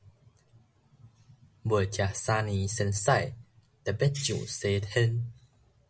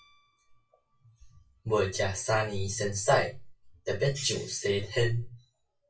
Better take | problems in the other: first | noise reduction (classical method WPE with log-MMSE)

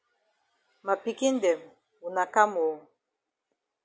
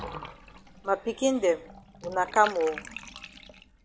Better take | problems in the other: first | background sound (Bathtub (filling or washing) / Water); 14 dB below the speech

